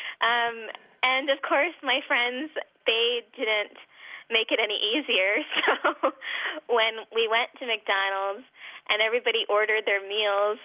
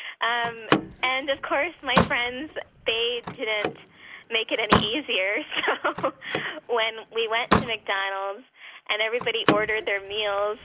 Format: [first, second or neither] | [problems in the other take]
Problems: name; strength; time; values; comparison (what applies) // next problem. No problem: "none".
first | background sound (Slam); 3 dB below the speech